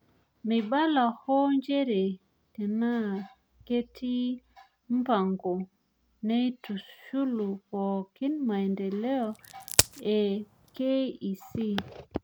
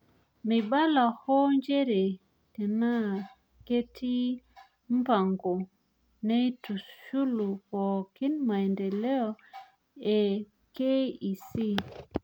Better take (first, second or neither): second